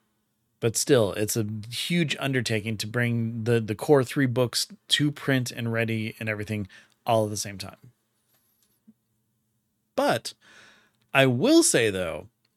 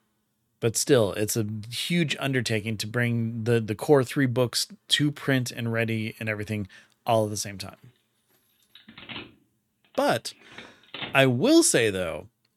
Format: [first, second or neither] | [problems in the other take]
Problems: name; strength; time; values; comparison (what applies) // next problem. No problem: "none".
first | phone ringing; faint; from 9 to 11 s; peak 10 dB below the speech